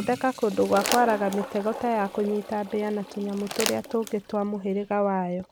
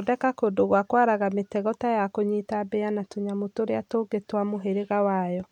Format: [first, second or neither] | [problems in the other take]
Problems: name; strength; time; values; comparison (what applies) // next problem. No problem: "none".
second | background sound (Crumpling, crinkling + Toilet flush); 10 dB below the speech